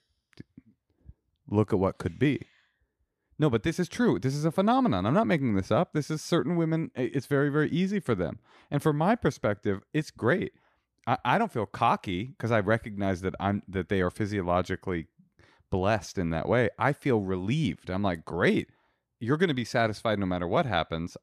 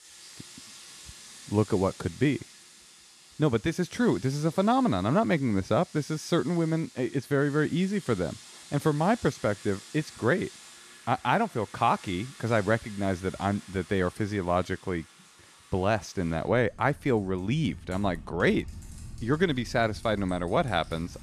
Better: first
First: none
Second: household noises; noticeable; throughout; 20 dB below the speech

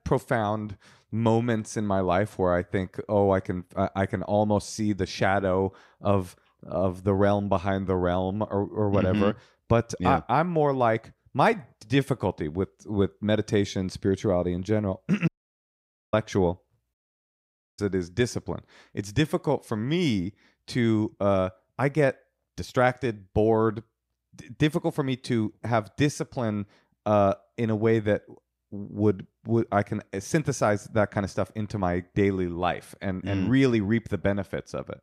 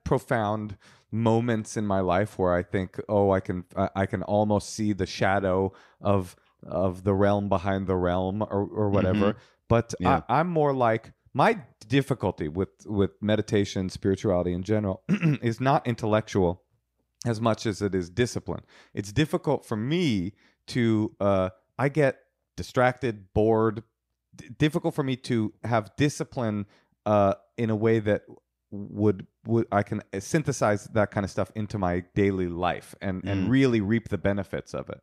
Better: second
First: audio cutting out; at 15 s for 1 s and at 17 s for 1 s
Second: none

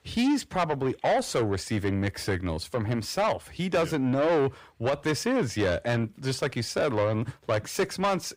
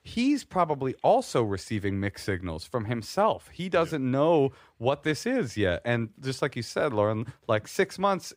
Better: second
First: distortion; heavy; 8 dB below the speech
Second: none

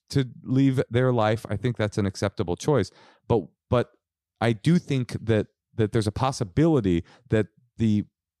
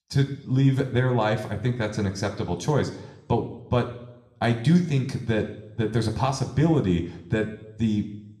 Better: first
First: none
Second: room echo; slight; dies away in 0.7 s

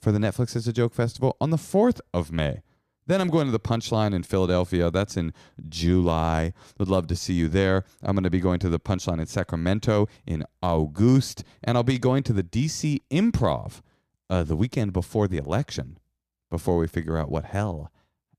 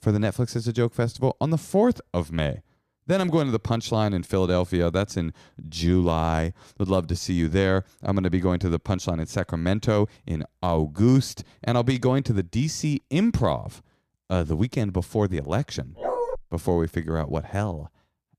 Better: first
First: none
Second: dog barking; noticeable; at 16 s; peak 3 dB below the speech

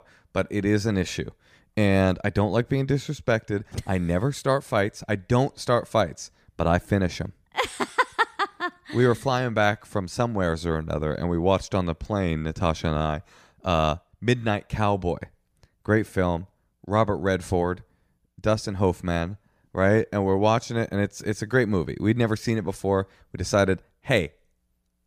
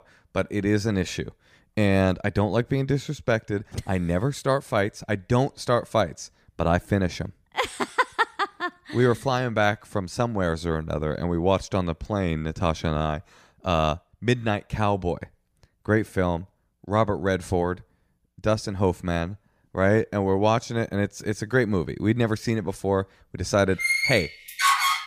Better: first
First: none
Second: door banging; loud; from 24 s on; peak 6 dB above the speech

